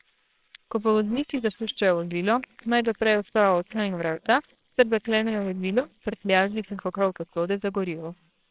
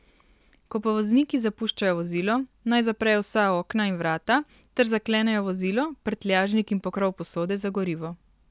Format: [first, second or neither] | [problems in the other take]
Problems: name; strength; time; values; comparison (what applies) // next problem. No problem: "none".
second | noise reduction (neural separator model SepFormer WHAMR!)